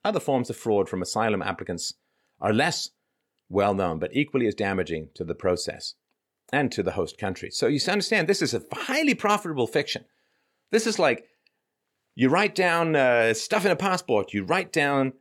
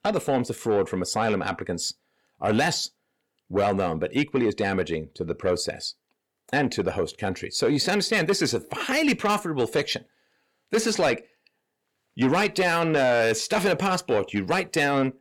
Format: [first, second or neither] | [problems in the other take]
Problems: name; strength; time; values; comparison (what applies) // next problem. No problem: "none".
first | distortion; slight; 10 dB below the speech